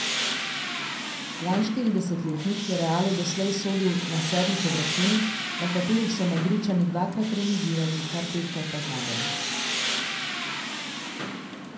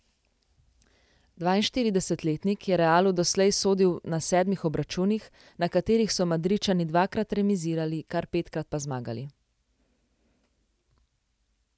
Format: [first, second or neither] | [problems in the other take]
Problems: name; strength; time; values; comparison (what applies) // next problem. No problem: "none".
second | background sound (Tools); 4 dB below the speech // room echo; dies away in 0.5 s